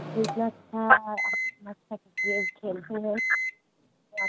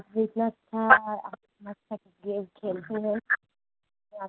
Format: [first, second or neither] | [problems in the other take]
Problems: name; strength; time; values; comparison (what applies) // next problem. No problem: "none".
second | background sound (Microwave oven); 4 dB below the speech